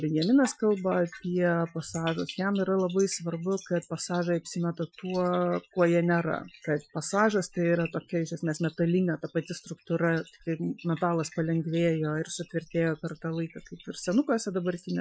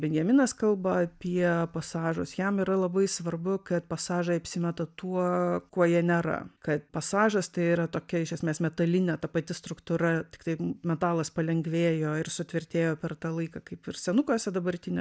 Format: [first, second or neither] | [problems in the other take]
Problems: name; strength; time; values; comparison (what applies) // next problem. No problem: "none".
second | noise reduction (classical method Wiener filter)